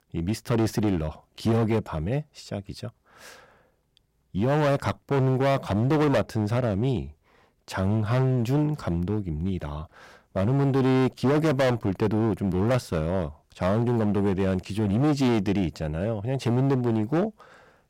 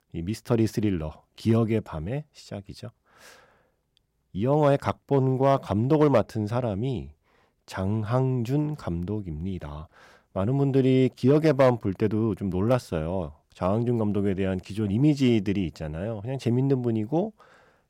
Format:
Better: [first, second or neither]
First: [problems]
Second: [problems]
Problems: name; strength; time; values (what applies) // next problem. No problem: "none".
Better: second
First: distortion; heavy; 13% of the sound clipped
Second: none